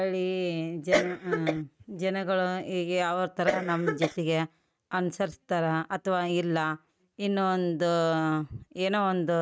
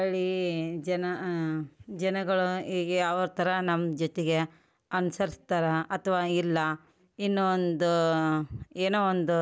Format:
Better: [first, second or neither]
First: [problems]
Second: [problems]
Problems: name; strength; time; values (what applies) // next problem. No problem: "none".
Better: second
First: noise reduction (neural mask model RNNoise)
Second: none